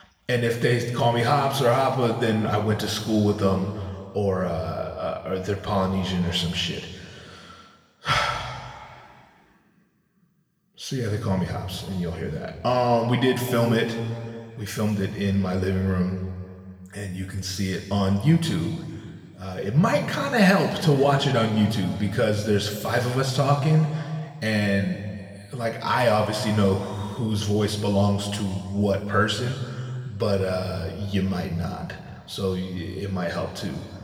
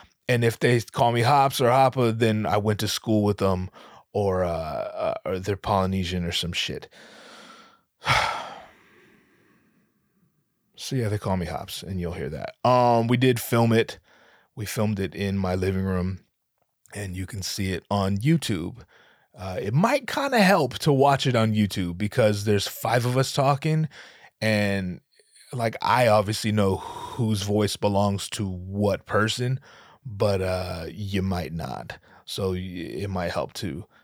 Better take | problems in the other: second | room echo; noticeable; dies away in 1.8 s // off-mic speech; somewhat distant

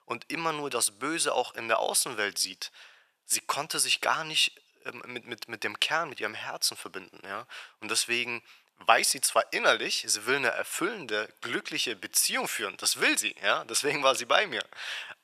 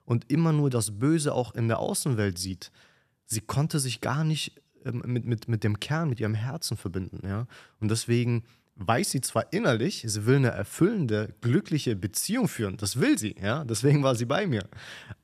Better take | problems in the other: second | thin; very; fading below 800 Hz

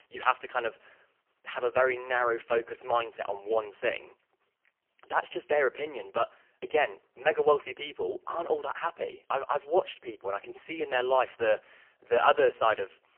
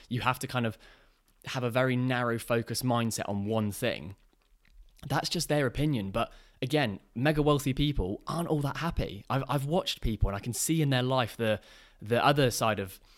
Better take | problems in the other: second | phone-call audio; poor line; nothing above 3 kHz

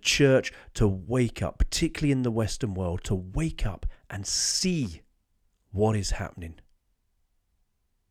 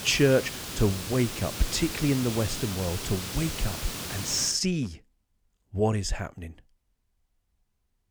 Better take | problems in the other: first | hiss; very faint; until 4.5 s; 6 dB below the speech

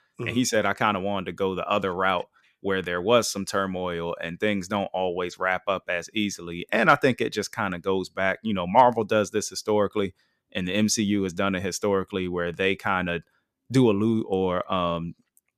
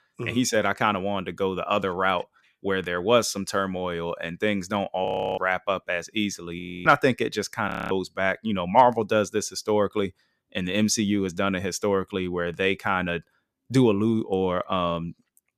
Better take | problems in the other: first | audio freezing; at 5 s, at 6.5 s and at 7.5 s

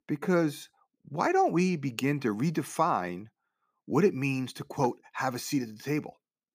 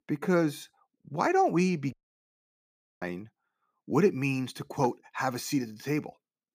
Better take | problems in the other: first | audio cutting out; at 2 s for 1 s

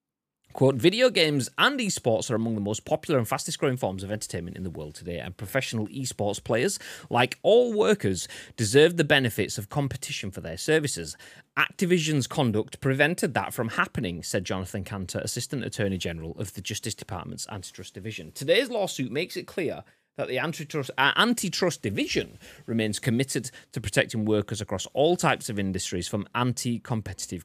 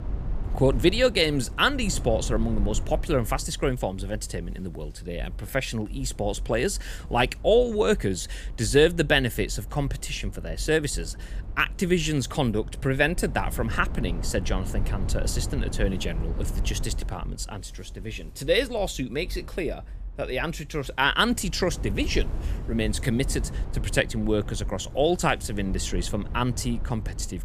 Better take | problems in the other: first | low rumble; faint; throughout; 20 dB below the speech

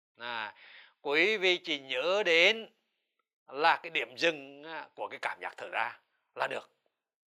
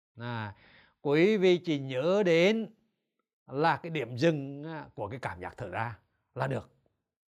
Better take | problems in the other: second | thin; very; fading below 600 Hz

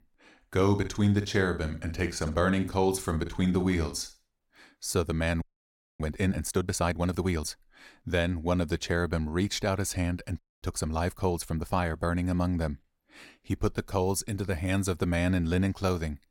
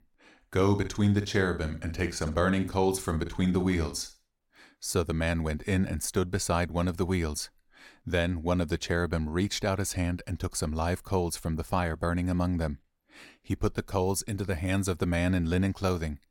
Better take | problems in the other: second | audio freezing; at 5.5 s for 0.5 s and at 10 s

